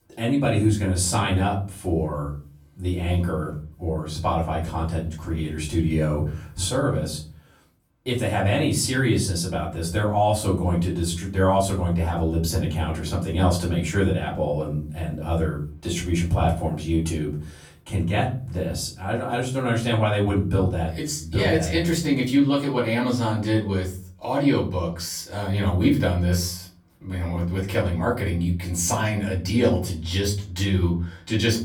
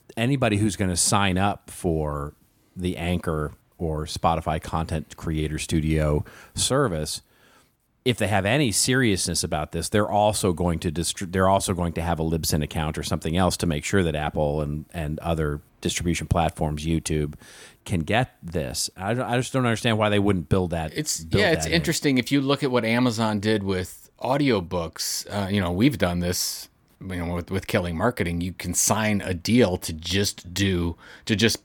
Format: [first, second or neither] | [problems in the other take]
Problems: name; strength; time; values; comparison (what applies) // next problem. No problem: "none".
second | off-mic speech; far // room echo; slight; dies away in 0.5 s